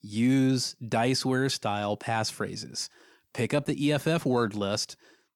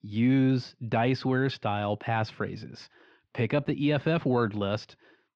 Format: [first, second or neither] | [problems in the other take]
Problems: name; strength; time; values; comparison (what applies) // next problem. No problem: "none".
first | muffled; slightly; fading above 3.5 kHz